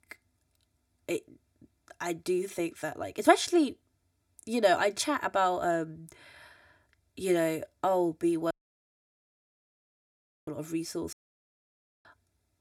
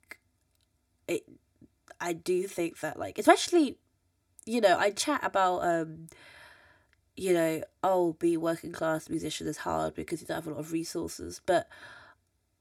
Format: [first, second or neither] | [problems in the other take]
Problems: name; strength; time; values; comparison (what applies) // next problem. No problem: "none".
second | audio cutting out; at 8.5 s for 2 s and at 11 s for 1 s